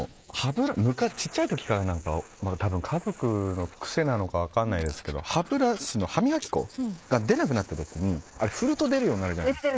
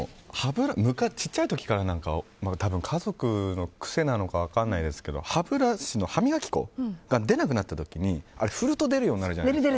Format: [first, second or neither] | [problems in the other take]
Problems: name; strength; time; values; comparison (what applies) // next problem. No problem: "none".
second | noise reduction (neural mask model Resemble Enhance denoiser)